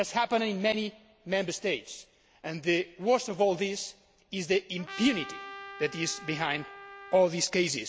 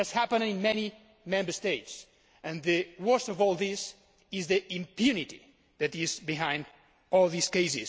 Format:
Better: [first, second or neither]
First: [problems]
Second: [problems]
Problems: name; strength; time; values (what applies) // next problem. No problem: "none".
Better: second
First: background sound (Trumpet); 14 dB below the speech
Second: none